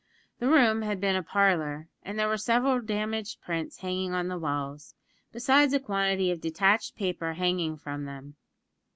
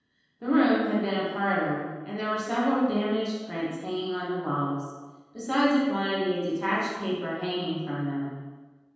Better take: first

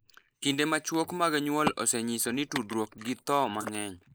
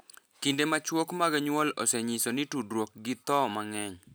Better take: second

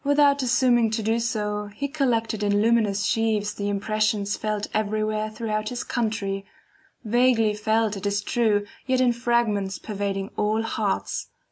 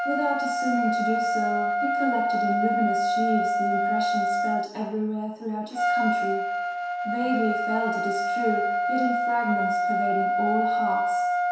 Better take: first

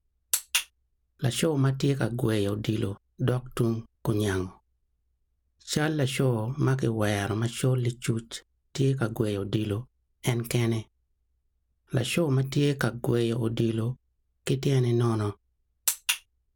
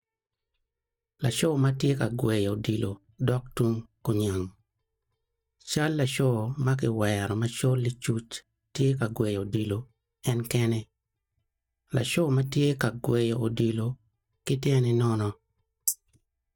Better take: first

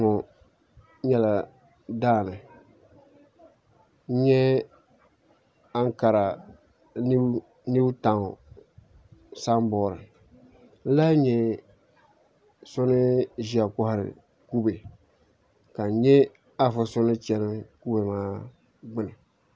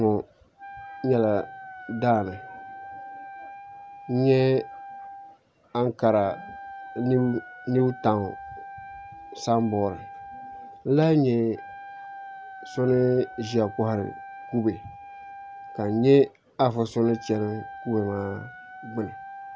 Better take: first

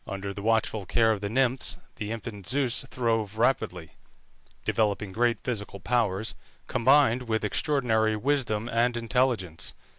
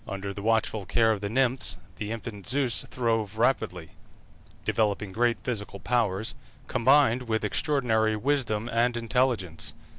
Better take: first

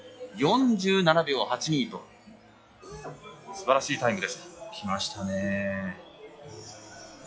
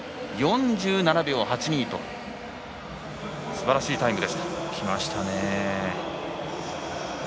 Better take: second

